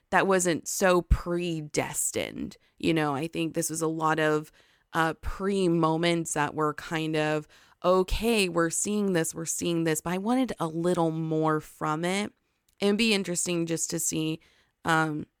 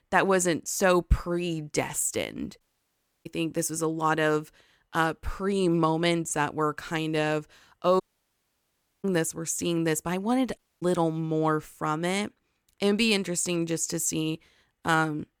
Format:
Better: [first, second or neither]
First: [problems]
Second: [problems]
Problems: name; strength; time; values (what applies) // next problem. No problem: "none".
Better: first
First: none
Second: audio cutting out; at 2.5 s for 0.5 s, at 8 s for 1 s and at 11 s